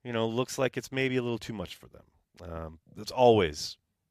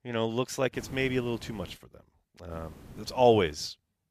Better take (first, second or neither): first